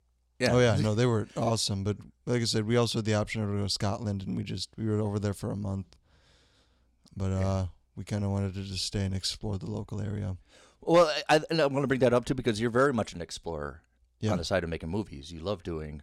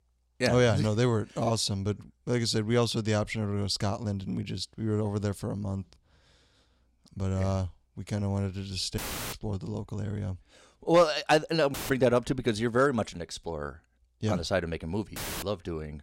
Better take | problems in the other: first | audio cutting out; filled with static; at 9 s, at 12 s and at 15 s

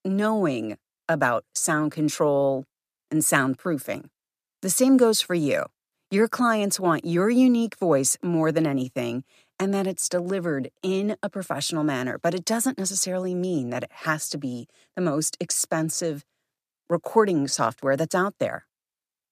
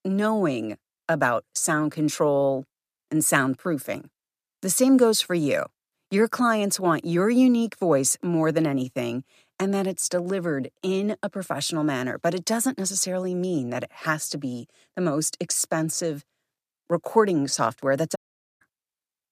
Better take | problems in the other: first | audio cutting out; at 18 s

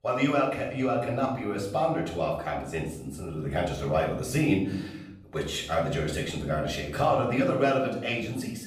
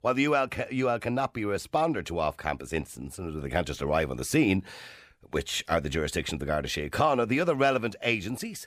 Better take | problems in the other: second | off-mic speech; far // room echo; noticeable; dies away in 0.7 s

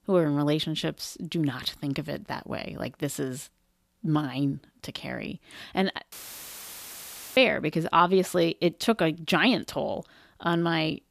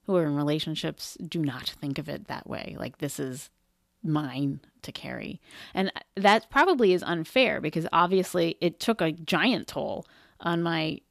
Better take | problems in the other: second | audio cutting out; filled with static; at 6 s for 1.5 s

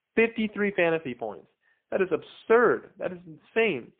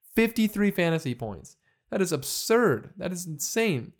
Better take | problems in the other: second | phone-call audio; poor line

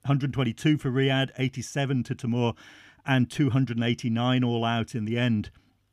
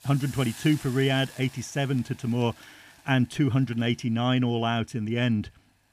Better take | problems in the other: first | hiss; noticeable; throughout; 20 dB below the speech

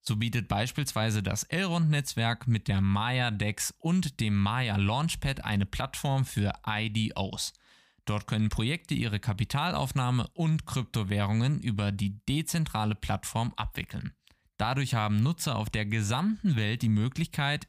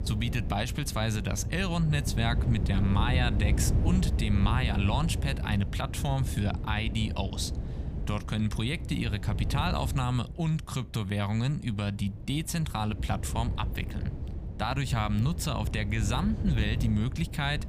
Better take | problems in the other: first | wind noise on the microphone; occasional gusts; 10 dB below the speech

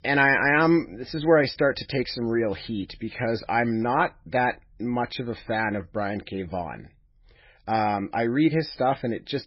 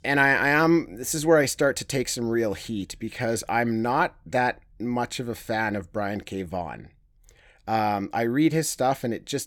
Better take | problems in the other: second | garbled, watery; badly; nothing above 5.5 kHz

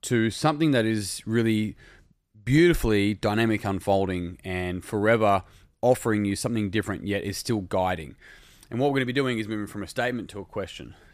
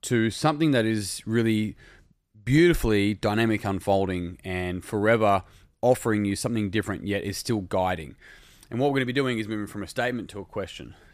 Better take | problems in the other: neither | none

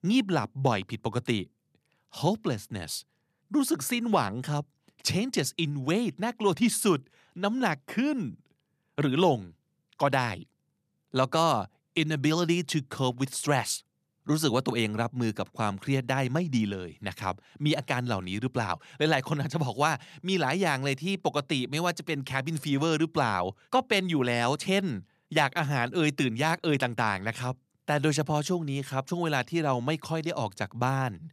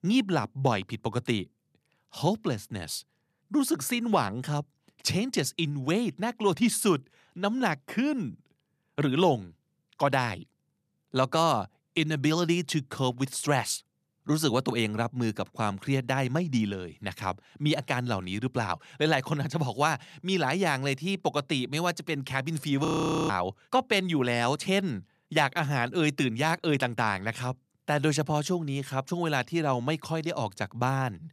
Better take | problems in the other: first | audio freezing; at 23 s

